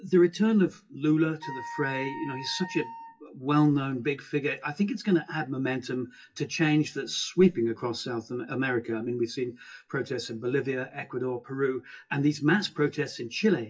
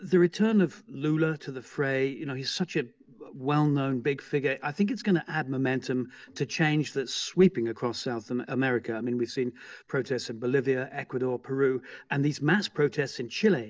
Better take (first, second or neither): second